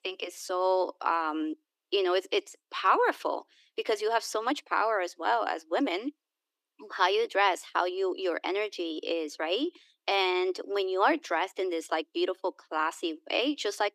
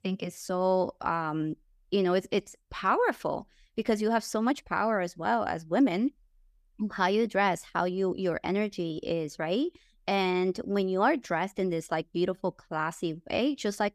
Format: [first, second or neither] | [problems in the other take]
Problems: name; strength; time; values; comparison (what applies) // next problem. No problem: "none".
second | thin; somewhat; fading below 300 Hz